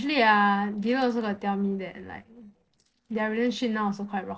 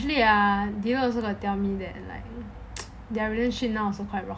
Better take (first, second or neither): second